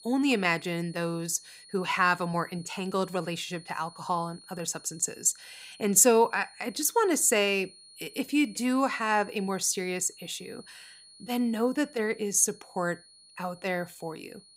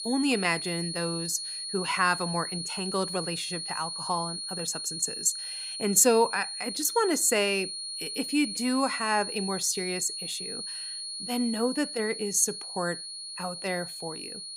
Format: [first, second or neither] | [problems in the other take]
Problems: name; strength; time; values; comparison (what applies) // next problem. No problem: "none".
first | high-pitched whine; loud; throughout; 4.5 kHz, 6 dB below the speech; faint in the first